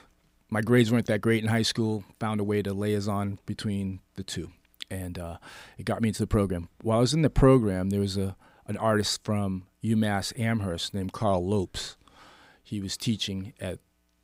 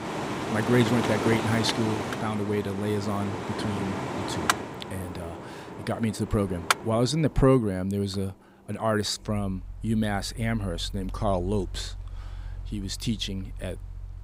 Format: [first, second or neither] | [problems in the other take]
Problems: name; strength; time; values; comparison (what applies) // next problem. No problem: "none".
first | machinery noise; loud; throughout; 5 dB below the speech